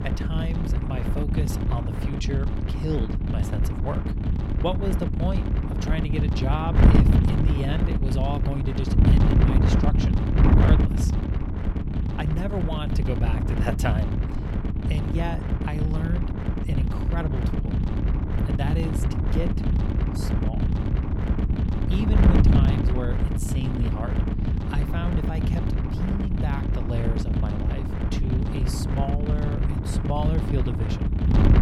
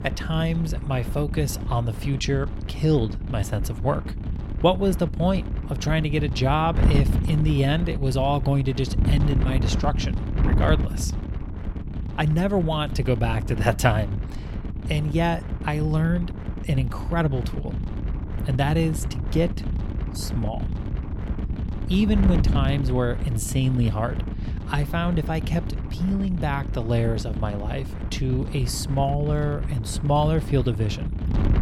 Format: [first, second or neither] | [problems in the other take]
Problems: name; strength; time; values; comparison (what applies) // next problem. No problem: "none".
second | wind noise on the microphone; heavy; 1 dB above the speech; occasional gusts in the second